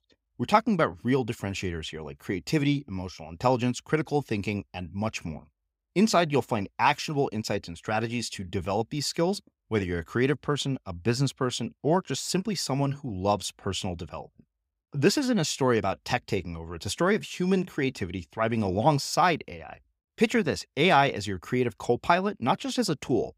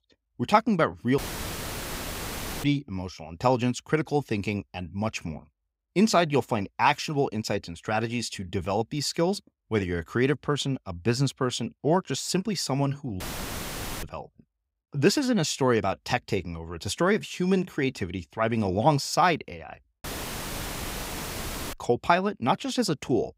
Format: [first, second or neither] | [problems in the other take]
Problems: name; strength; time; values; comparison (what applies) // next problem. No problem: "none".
first | audio cutting out; filled with static; at 1 s for 1.5 s, at 13 s for 1 s and at 20 s for 1.5 s